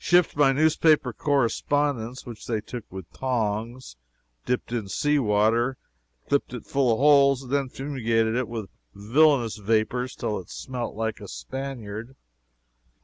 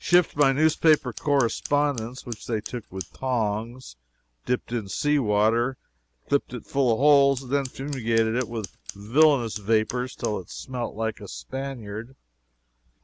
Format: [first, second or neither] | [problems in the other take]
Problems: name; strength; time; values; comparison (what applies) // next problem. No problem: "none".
first | background sound (Scissors); 17 dB below the speech